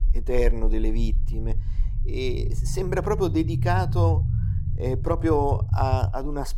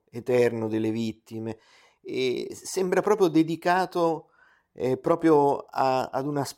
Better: second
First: low rumble; noticeable; throughout; 15 dB below the speech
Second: none

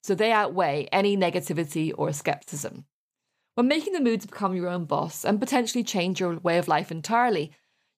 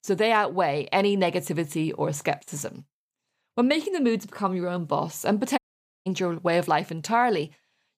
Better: first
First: none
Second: audio cutting out; at 5.5 s

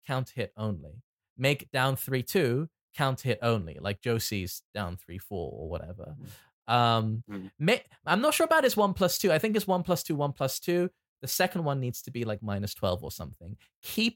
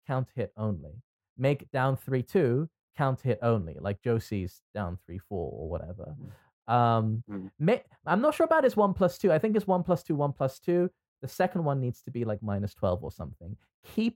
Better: first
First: none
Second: muffled; very; fading above 2 kHz

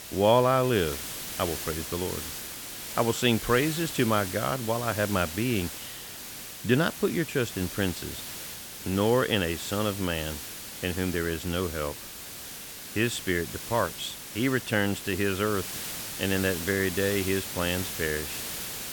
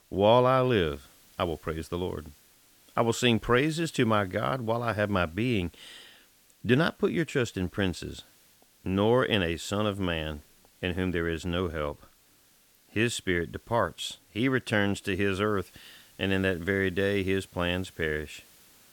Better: second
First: hiss; loud; throughout; 7 dB below the speech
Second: hiss; faint; throughout; 30 dB below the speech

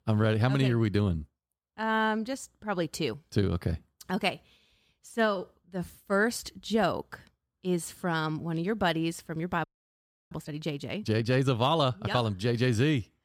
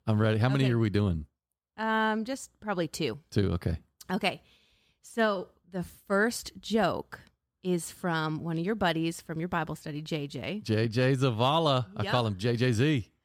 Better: second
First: audio freezing; at 9.5 s for 0.5 s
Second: none

